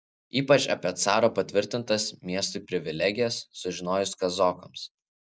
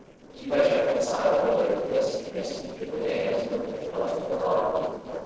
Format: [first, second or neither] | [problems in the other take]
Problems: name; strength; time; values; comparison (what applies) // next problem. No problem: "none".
first | noise reduction (neural separator model SepFormer DNS4)